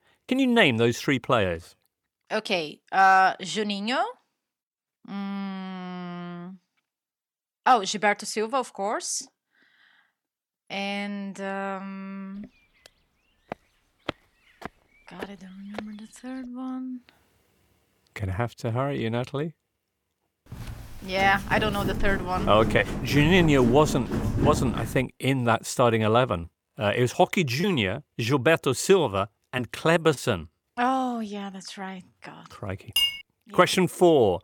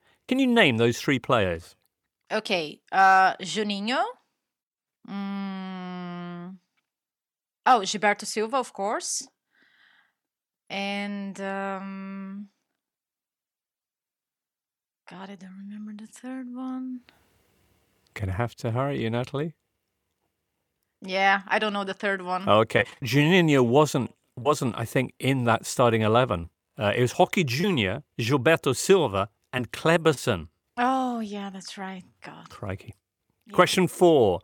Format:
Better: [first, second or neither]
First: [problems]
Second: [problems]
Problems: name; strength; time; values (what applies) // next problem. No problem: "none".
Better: second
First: footsteps; faint; from 12 to 16 s; peak 15 dB below the speech // footsteps; noticeable; from 21 to 25 s; peak 1 dB below the speech // clattering dishes; loud; at 33 s; peak 1 dB above the speech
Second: none